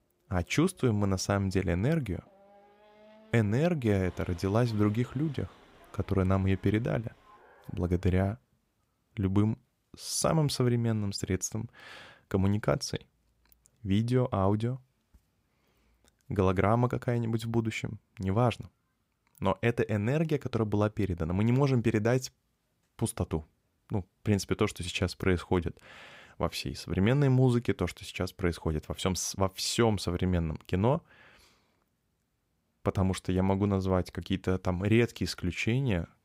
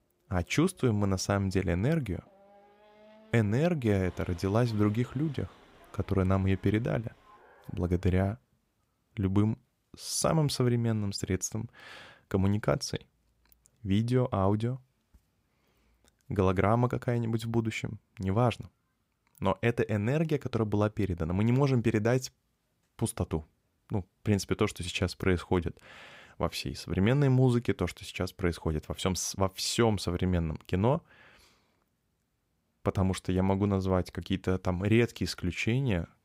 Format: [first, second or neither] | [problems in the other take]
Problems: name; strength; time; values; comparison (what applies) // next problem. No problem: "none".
neither | traffic noise; faint; until 8 s; 25 dB below the speech; the same in both